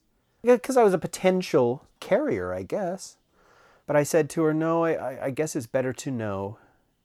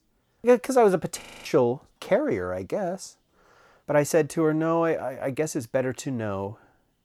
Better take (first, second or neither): first